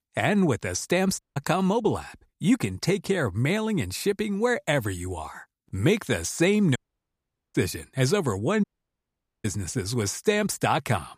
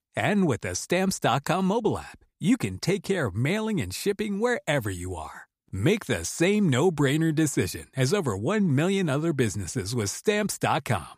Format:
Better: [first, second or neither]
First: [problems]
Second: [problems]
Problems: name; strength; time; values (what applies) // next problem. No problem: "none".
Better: second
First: audio cutting out; at 1 s, at 7 s for 1 s and at 8.5 s for 1 s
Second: none